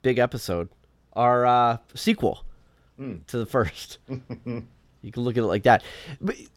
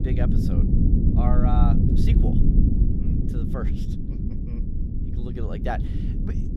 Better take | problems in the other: first | low rumble; loud; throughout; as loud as the speech

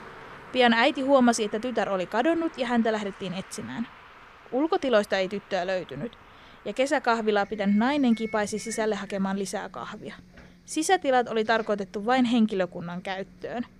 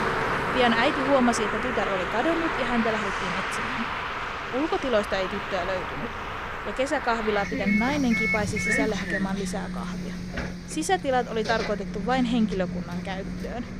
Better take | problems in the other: first | traffic noise; loud; throughout; 2 dB below the speech; faint in the first

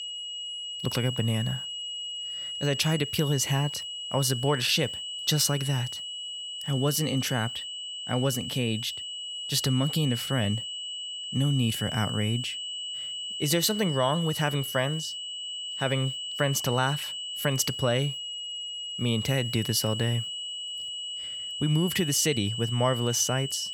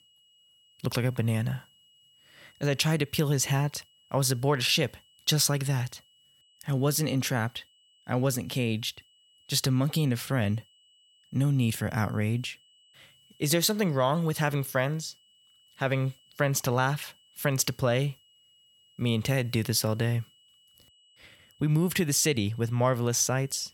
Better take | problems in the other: second | high-pitched whine; loud; throughout; 3 kHz, 5 dB below the speech; faint in the second

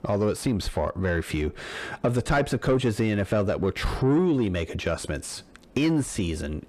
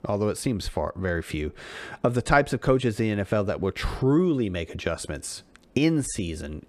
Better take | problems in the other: second | distortion; slight; 10 dB below the speech

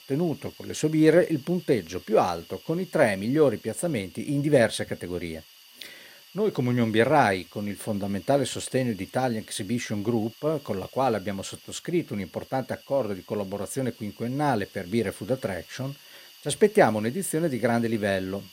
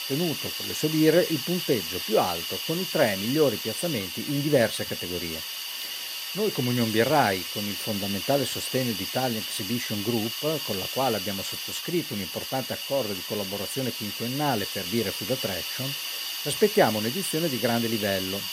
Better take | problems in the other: first | hiss; loud; throughout; 3 dB below the speech; faint in the first

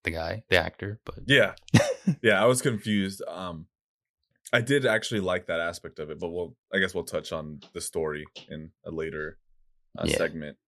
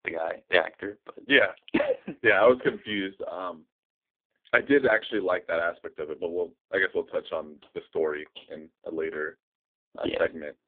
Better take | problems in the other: first | phone-call audio; poor line; nothing above 3.5 kHz

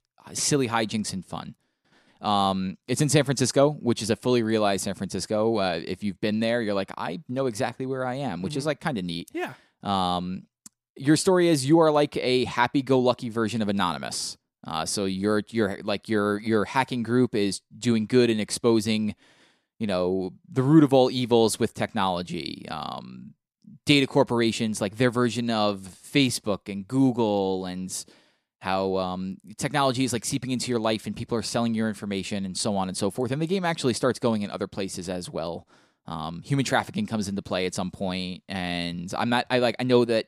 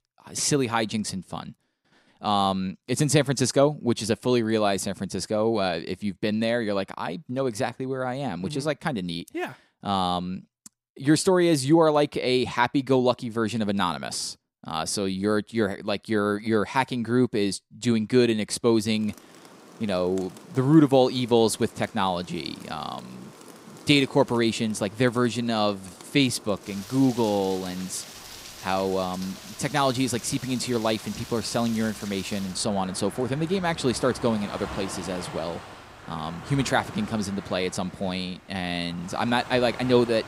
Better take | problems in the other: first | rain or running water; noticeable; from 19 s on; 15 dB below the speech

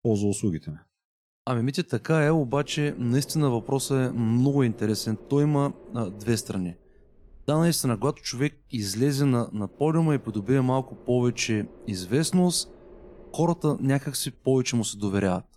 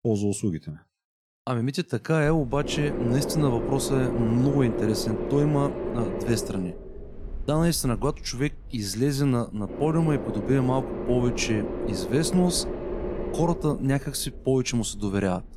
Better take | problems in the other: first | low rumble; loud; from 2.5 s on; 4 dB below the speech; faint in the first

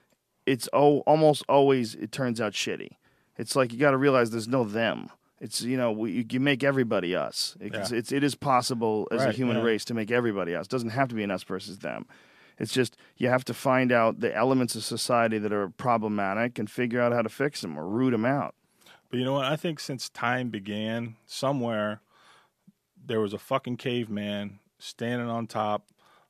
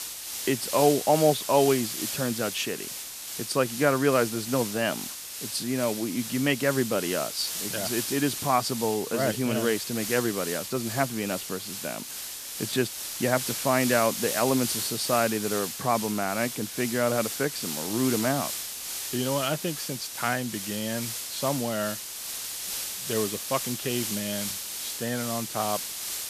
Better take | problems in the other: first | hiss; loud; throughout; 4 dB below the speech

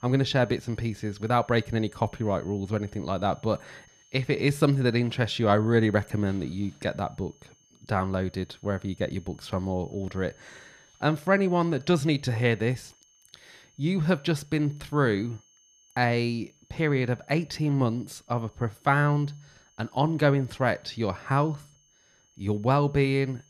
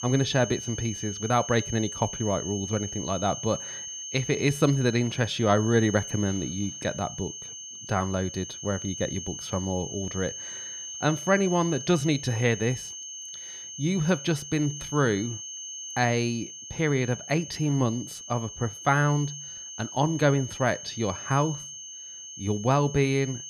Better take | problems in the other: first | high-pitched whine; loud; throughout; 6.5 kHz, 9 dB below the speech; faint in the first

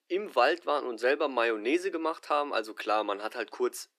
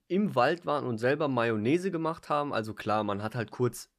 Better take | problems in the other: second | thin; somewhat; fading below 300 Hz

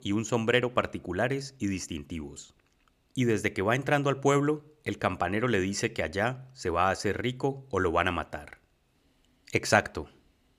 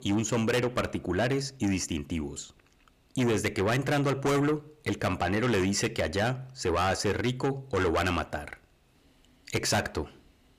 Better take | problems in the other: first | distortion; heavy; 6 dB below the speech

